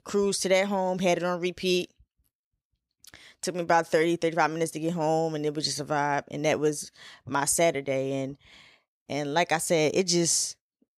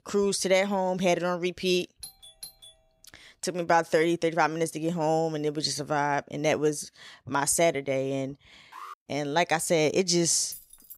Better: first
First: none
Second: doorbell; faint; at 2 s; peak 15 dB below the speech // alarm; faint; at 8.5 s; peak 20 dB below the speech // jangling keys; faint; at 10 s; peak 15 dB below the speech

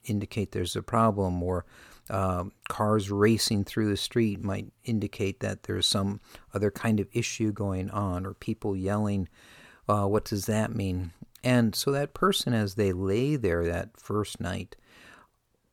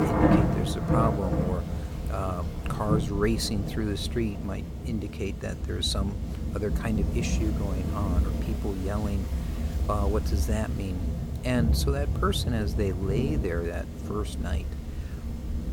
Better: first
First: none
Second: rain or running water; very loud; throughout; 2 dB above the speech

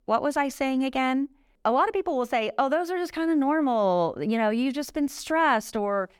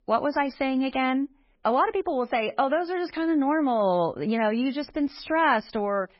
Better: first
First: none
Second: garbled, watery; badly; nothing above 5.5 kHz

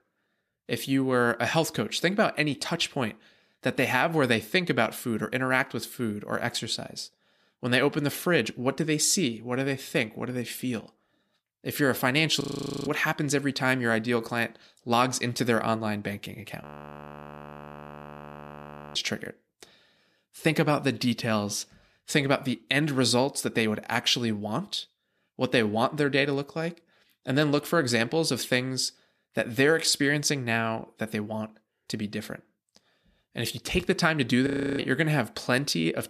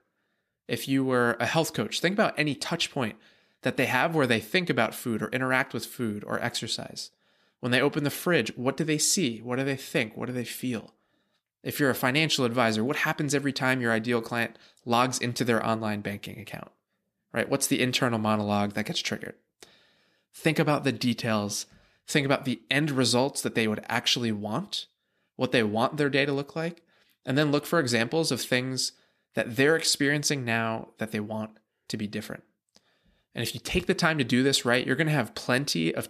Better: second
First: audio freezing; at 12 s, at 17 s for 2.5 s and at 34 s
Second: none

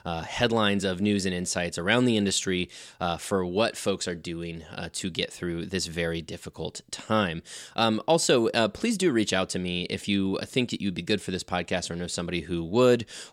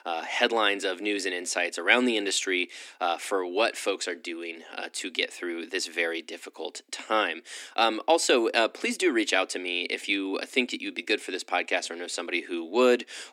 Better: first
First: none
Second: thin; somewhat; fading below 250 Hz

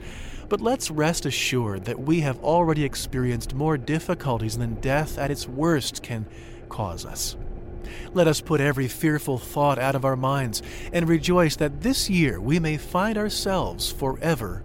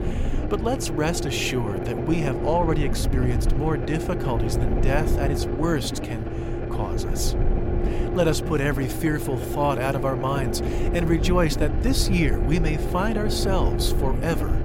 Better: first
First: low rumble; faint; throughout; 20 dB below the speech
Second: low rumble; loud; throughout; 5 dB below the speech

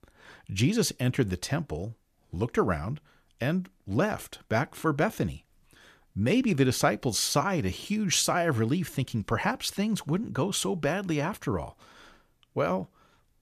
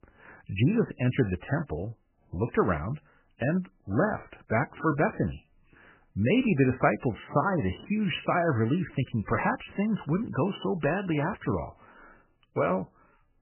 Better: first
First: none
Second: garbled, watery; badly; nothing above 3 kHz

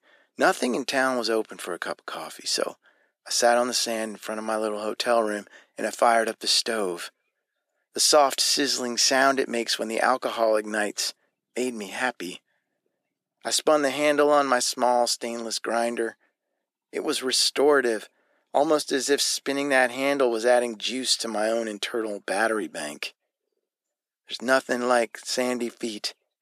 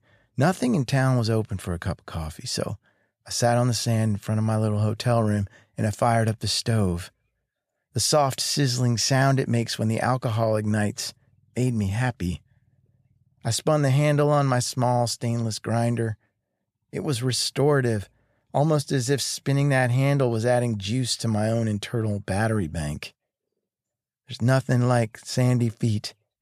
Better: second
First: thin; somewhat; fading below 300 Hz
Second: none

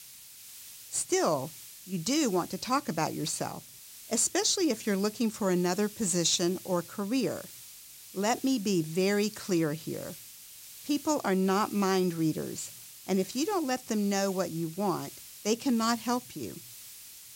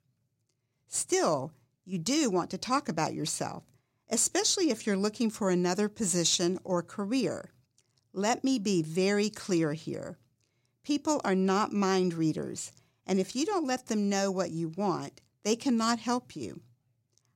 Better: second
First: hiss; noticeable; throughout; 15 dB below the speech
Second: none

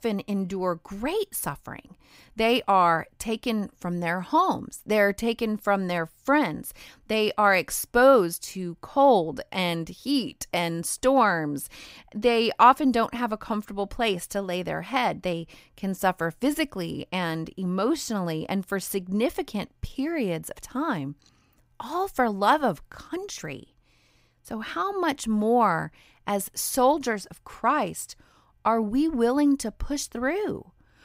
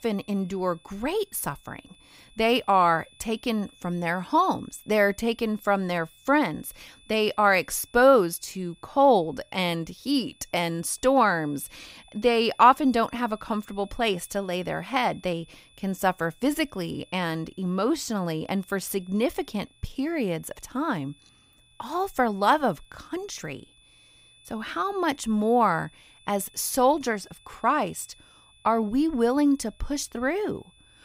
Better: first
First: none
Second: high-pitched whine; faint; throughout; 3.5 kHz, 30 dB below the speech

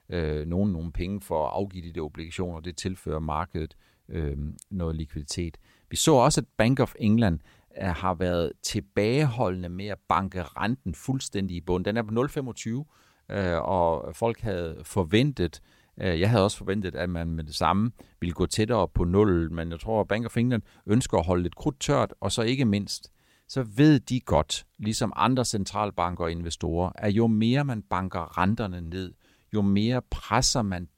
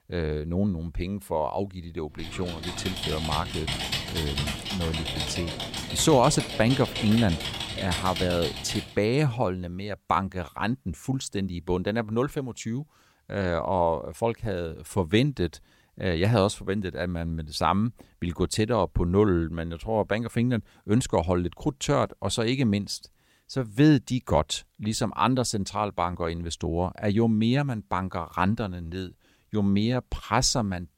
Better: first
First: none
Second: keyboard typing; noticeable; from 2 to 9 s; peak 1 dB below the speech

